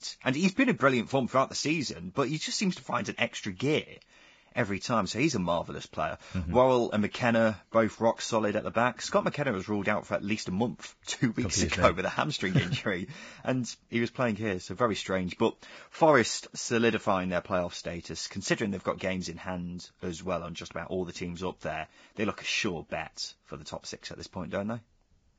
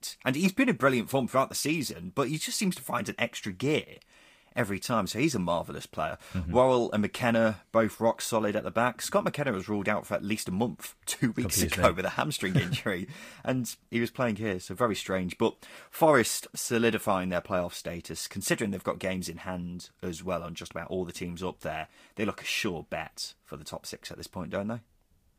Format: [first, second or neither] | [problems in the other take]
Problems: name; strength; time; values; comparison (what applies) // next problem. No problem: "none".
second | garbled, watery; badly; nothing above 7.5 kHz; slightly in the second